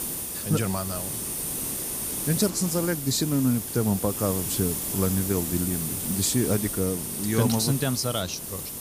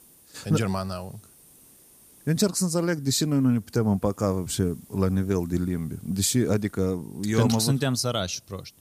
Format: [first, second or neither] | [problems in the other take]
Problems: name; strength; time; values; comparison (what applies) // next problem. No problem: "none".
second | hiss; loud; throughout; 3 dB below the speech; faint in the second